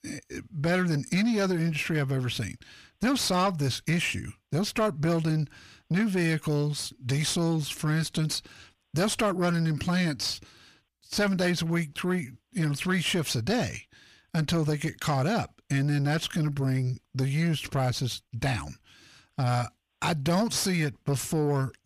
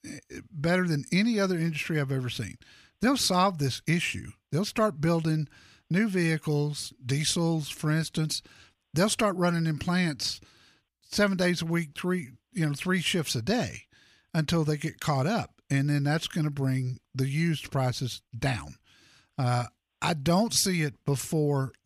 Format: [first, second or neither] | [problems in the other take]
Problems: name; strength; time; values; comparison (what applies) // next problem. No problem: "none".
second | distortion; slight; 10 dB below the speech